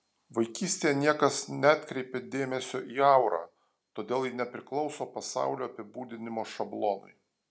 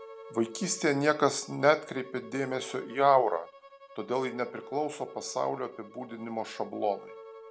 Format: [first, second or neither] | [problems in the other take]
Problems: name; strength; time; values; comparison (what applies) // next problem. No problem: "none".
first | background sound (Bowed string instrument + Wind instrument, woodwind instrument); 18 dB below the speech